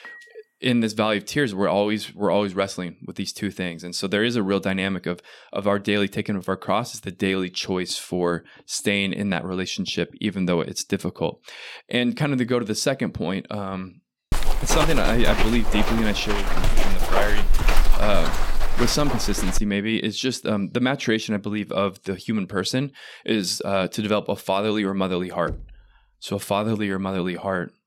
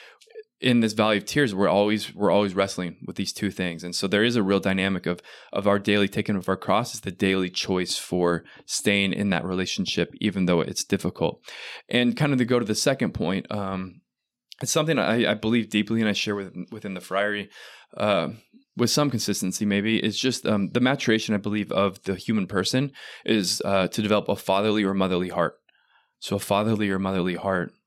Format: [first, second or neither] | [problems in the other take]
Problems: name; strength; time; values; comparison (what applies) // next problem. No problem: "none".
second | clattering dishes; faint; at the start; peak 15 dB below the speech // footsteps; loud; from 14 to 20 s; peak 2 dB above the speech // door banging; faint; at 25 s; peak 10 dB below the speech